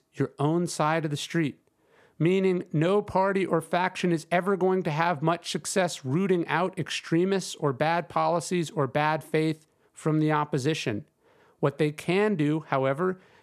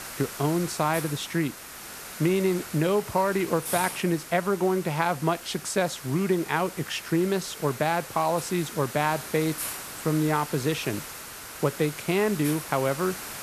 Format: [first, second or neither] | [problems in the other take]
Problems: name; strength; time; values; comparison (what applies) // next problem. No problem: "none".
first | hiss; noticeable; throughout; 10 dB below the speech